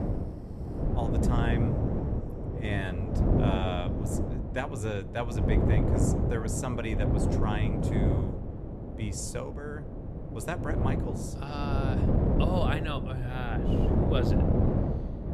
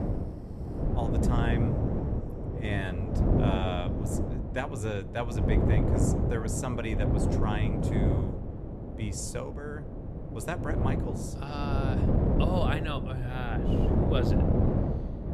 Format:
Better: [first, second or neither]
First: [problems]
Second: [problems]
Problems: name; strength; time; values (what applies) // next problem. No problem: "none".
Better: neither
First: wind noise on the microphone; heavy; as loud as the speech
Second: wind noise on the microphone; heavy; as loud as the speech